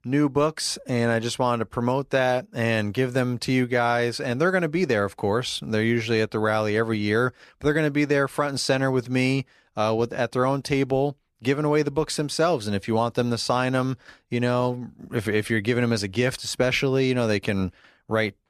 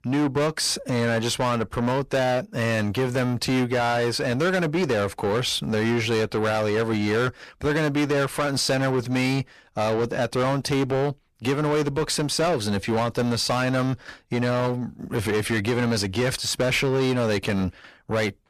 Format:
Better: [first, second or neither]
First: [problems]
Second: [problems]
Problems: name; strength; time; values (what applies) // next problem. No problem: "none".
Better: first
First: none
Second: distortion; heavy; 7 dB below the speech